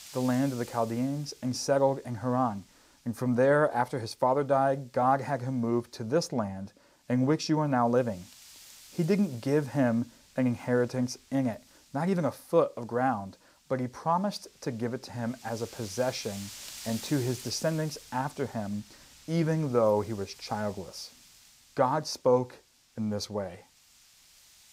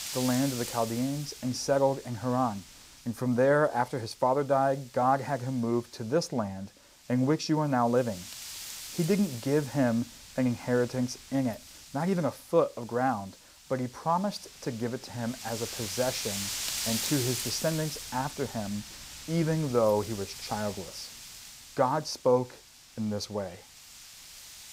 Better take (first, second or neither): first